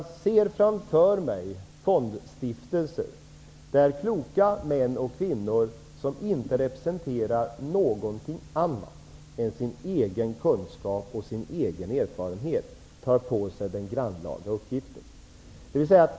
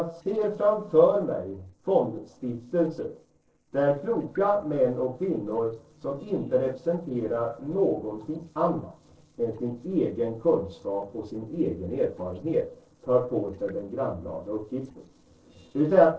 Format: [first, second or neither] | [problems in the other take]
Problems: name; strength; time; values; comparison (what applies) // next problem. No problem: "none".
first | noise reduction (neural separator model SepFormer DNS4)